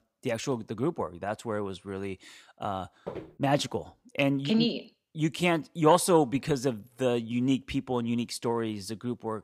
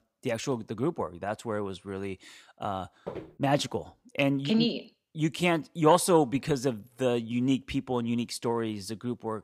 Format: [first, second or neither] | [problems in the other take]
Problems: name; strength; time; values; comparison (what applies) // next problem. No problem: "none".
neither | footsteps; faint; at 3 s; peak 10 dB below the speech; the same in both